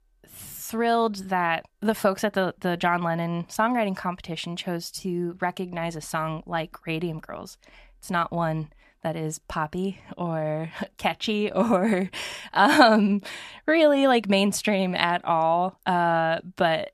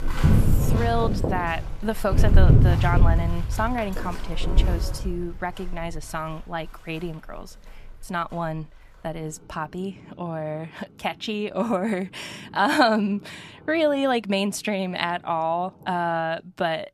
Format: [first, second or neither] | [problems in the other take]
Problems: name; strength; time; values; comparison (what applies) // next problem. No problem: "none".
first | animal sounds; very loud; throughout; 4 dB above the speech